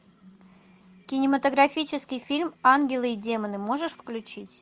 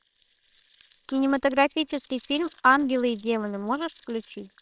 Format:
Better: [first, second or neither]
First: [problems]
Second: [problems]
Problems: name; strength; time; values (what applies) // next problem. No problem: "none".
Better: first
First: none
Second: noise reduction (neural separator model SepFormer WHAMR!)